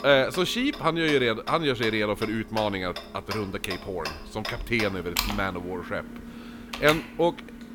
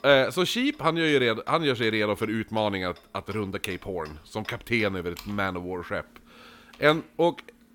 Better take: second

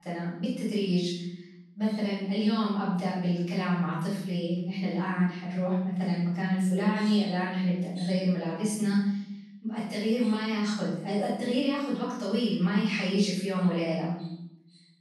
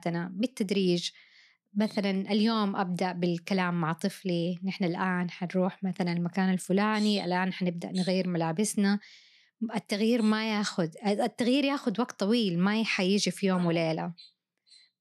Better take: second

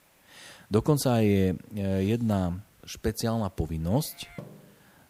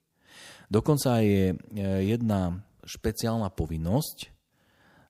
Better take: second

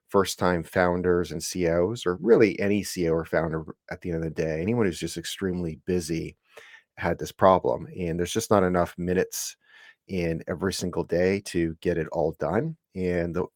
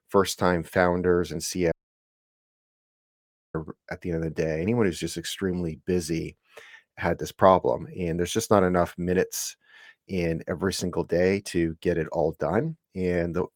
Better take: first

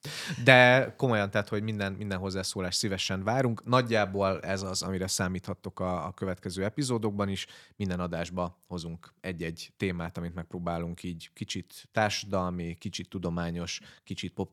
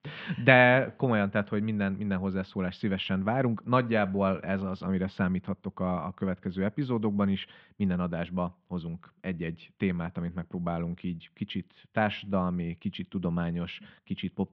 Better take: first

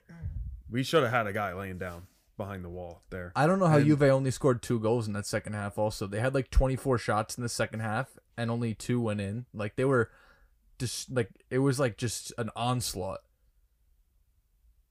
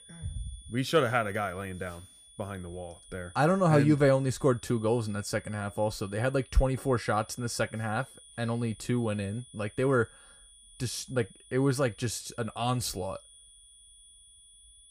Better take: first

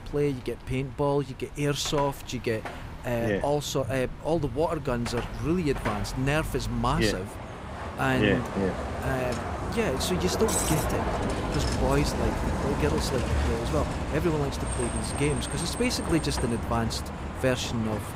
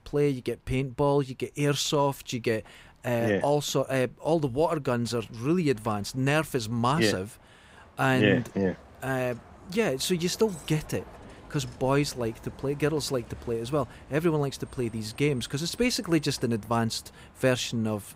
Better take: second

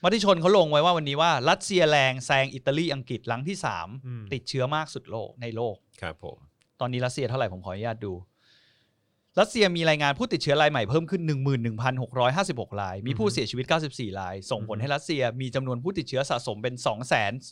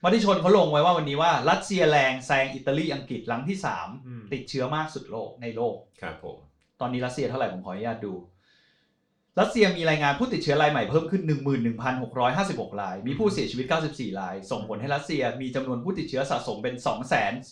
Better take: first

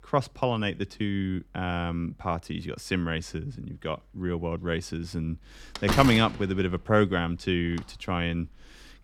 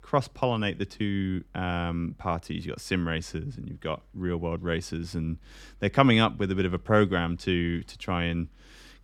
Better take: second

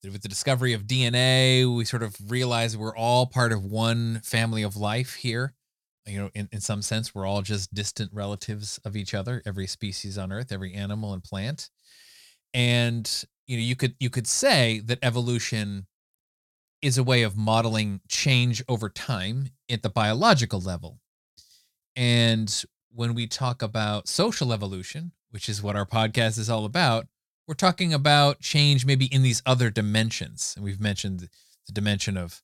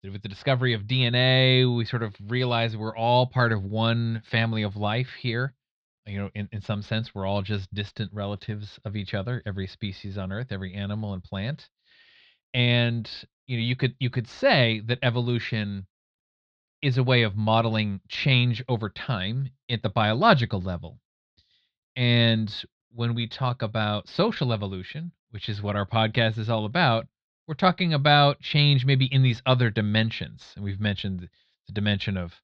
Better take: first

